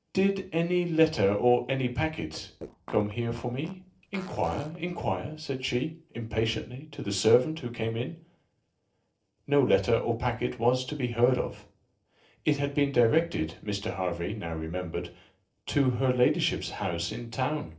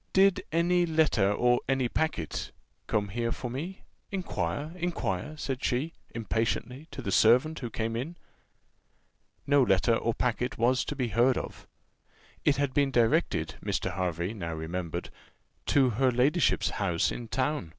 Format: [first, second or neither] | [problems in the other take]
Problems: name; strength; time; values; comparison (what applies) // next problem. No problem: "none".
second | noise reduction (neural separator model SepFormer DNS4)